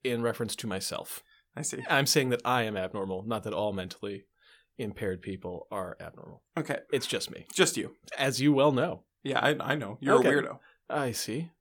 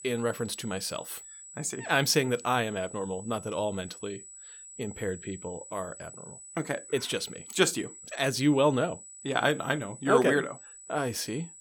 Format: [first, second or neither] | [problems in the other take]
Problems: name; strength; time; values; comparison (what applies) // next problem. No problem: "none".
first | high-pitched whine; noticeable; throughout; 8 kHz, 15 dB below the speech